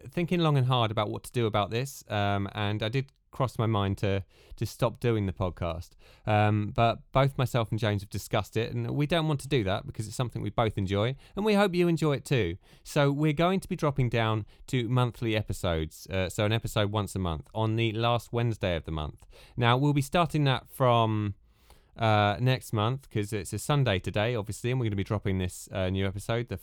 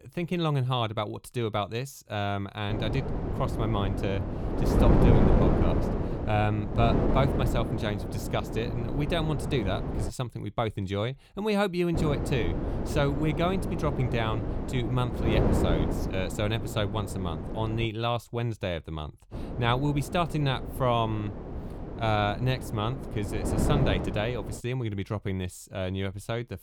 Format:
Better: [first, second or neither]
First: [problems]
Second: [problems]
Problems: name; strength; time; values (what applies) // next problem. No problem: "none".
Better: first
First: none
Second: wind noise on the microphone; heavy; from 2.5 to 10 s, from 12 to 18 s and from 19 to 25 s; 4 dB below the speech